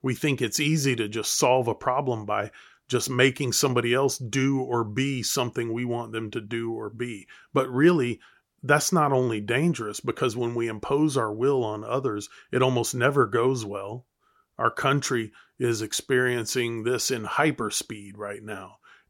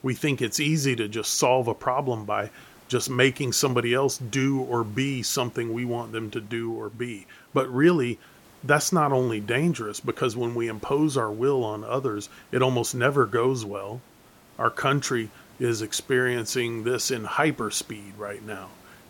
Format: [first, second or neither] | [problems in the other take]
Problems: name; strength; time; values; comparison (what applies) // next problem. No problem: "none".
first | hiss; faint; throughout; 25 dB below the speech